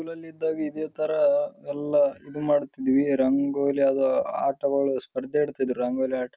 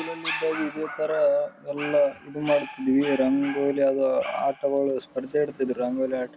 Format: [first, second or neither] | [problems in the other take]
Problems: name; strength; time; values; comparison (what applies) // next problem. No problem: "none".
first | background sound (Dog); 14 dB below the speech